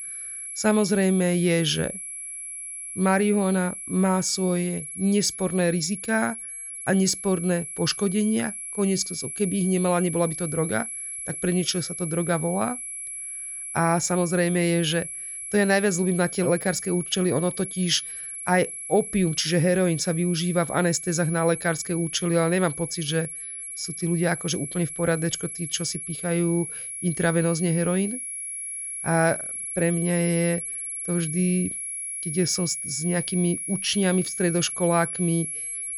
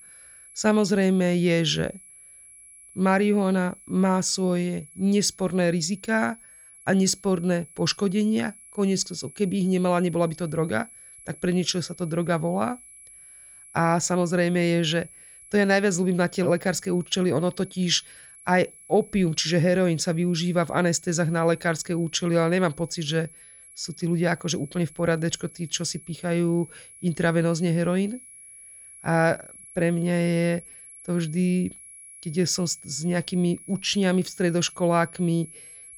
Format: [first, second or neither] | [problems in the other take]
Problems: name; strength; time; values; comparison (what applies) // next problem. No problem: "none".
second | high-pitched whine; loud; throughout; 11 kHz, 7 dB below the speech; faint in the second